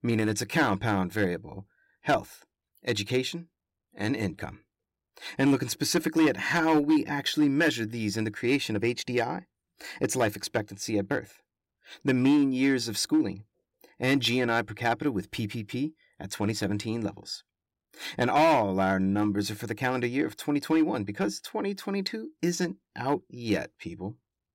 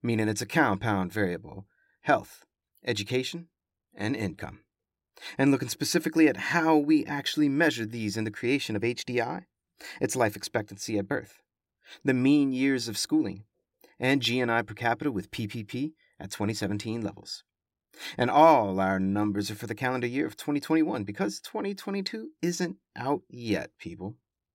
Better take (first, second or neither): second